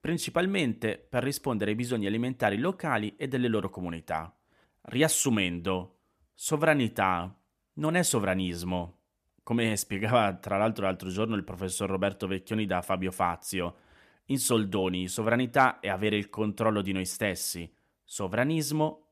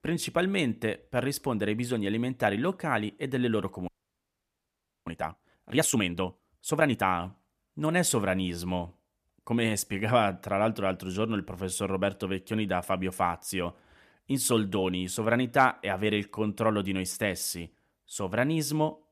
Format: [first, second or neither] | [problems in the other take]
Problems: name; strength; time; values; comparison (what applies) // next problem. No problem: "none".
first | audio freezing; at 4 s for 1 s